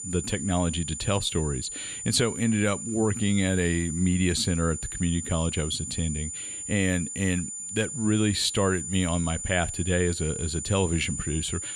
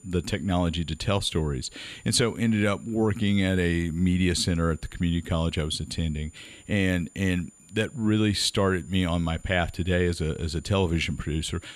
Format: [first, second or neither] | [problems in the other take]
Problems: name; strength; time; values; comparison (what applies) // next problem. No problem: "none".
second | high-pitched whine; loud; throughout; 7 kHz, 6 dB below the speech; faint in the second